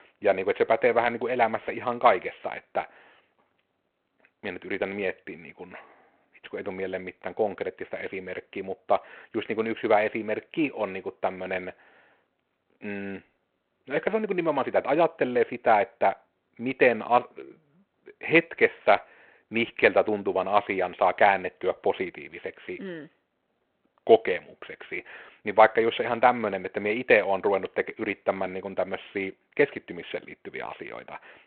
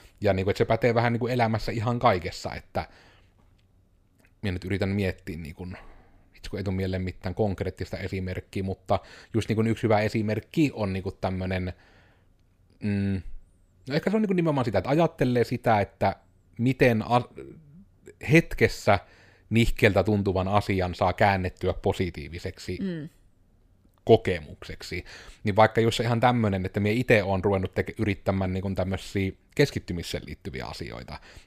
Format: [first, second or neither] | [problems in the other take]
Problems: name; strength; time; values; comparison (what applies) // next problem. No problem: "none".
second | phone-call audio; nothing above 4 kHz